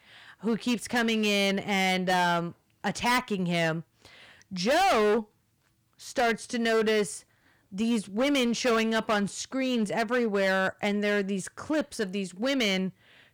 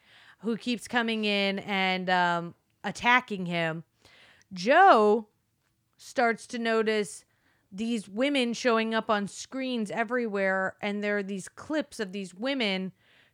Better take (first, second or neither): second